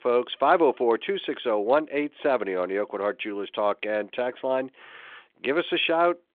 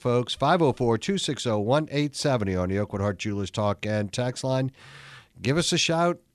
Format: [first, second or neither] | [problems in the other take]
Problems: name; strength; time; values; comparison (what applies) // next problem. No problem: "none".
second | phone-call audio; nothing above 3.5 kHz